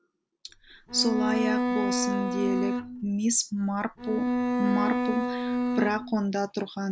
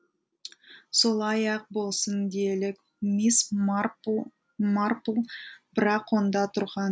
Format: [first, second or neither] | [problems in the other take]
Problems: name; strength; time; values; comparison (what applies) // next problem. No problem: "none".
second | background sound (Bowed string instrument); 1 dB above the speech